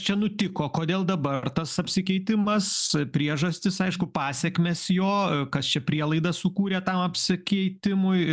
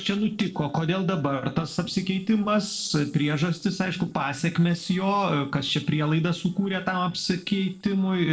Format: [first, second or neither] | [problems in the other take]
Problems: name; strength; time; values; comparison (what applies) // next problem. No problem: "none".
first | noise reduction (neural separator model SepFormer DNS4)